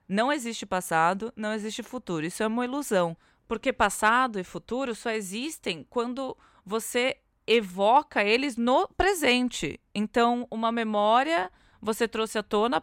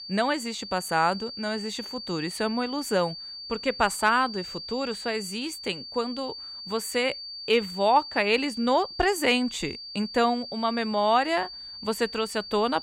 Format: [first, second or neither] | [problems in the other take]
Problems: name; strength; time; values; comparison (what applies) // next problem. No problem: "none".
first | high-pitched whine; loud; throughout; 4.5 kHz, 10 dB below the speech